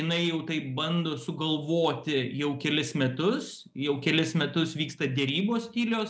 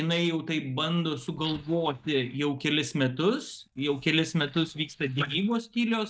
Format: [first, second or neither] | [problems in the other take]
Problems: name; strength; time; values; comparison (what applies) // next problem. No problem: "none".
first | noise reduction (neural mask model DeepFilterNet 3)